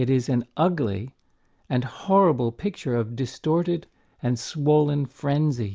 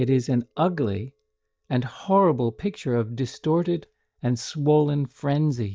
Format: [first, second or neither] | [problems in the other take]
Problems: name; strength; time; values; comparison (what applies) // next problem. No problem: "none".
first | noise reduction (neural mask model DeepFilterNet 3)